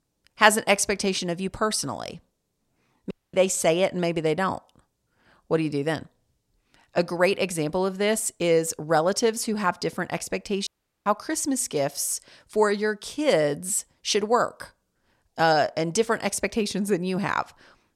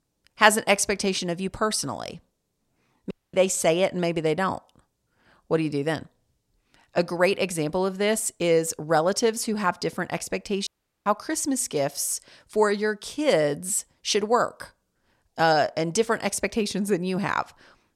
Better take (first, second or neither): neither